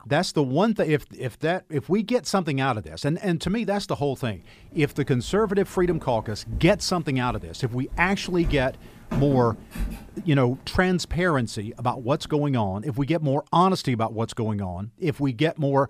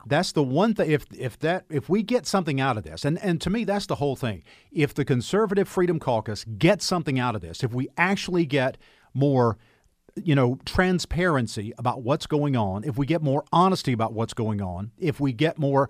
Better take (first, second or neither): second